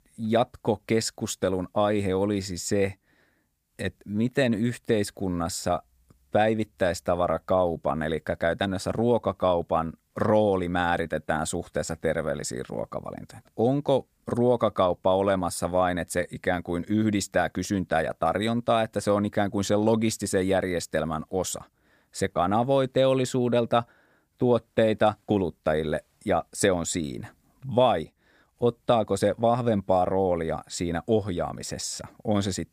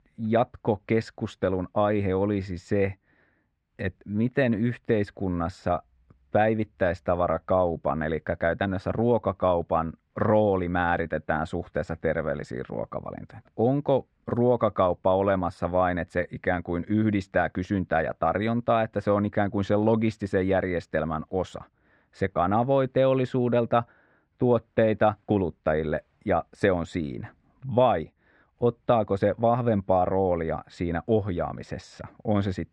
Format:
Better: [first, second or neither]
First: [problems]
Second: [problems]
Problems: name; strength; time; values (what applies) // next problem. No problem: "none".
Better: first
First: none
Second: muffled; very; fading above 2 kHz